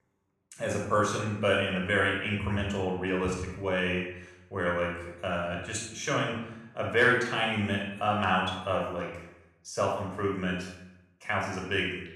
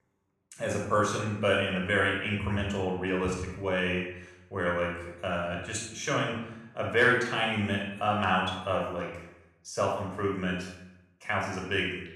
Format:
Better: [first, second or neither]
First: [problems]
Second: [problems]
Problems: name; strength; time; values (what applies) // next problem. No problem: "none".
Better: neither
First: off-mic speech; somewhat distant // room echo; noticeable; dies away in 0.7 s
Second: off-mic speech; somewhat distant // room echo; noticeable; dies away in 0.7 s